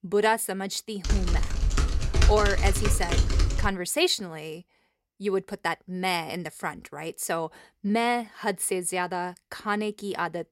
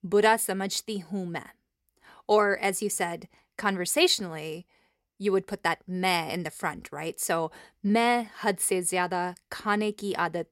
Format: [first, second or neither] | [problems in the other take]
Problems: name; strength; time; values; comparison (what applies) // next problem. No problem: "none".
second | keyboard typing; loud; from 1 to 3.5 s; peak 5 dB above the speech